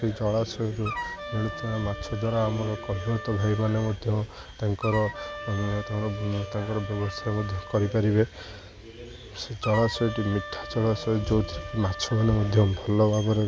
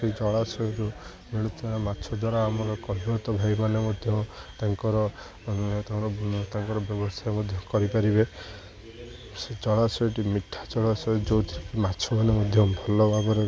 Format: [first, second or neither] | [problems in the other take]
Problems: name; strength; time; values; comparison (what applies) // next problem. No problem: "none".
second | background sound (Wind instrument, woodwind instrument); 12 dB below the speech